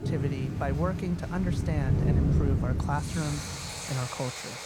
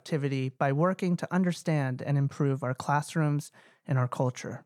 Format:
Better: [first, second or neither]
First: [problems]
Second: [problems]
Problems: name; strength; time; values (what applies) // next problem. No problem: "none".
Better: second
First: rain or running water; very loud; throughout; 3 dB above the speech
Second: none